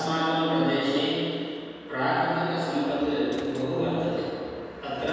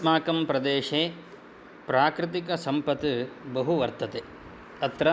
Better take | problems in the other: second | background sound (Mechanisms); 20 dB below the speech // room echo; dies away in 2.1 s

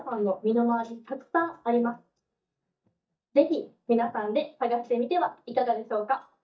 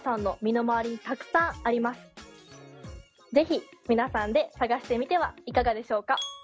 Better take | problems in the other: second | noise reduction (neural mask model DeepFilterNet 3)

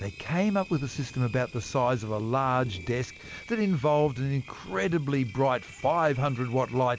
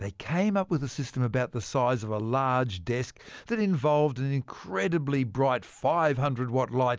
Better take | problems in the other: second | background sound (Thunder + Engine); 19 dB below the speech

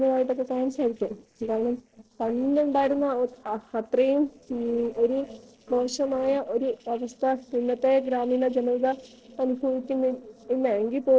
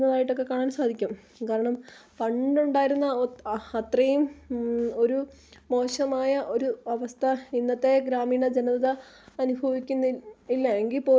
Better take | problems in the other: second | noise reduction (neural separator model SepFormer DNS4)

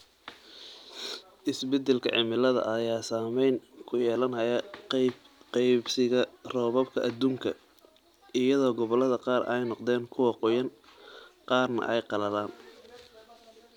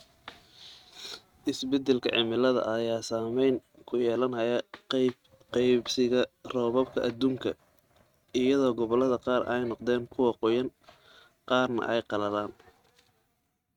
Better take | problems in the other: first | noise reduction (neural mask model RNNoise)

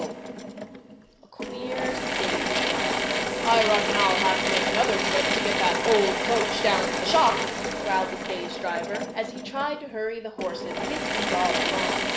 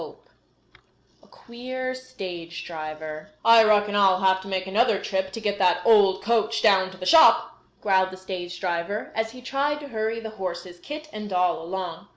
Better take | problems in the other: second | background sound (Drill / Mechanisms); 1 dB above the speech

